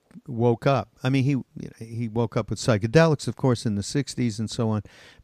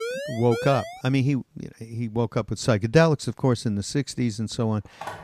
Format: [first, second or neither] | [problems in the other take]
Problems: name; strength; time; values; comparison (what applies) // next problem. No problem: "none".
first | siren; noticeable; until 1 s; peak 7 dB below the speech // phone ringing; faint; at 5 s; peak 15 dB below the speech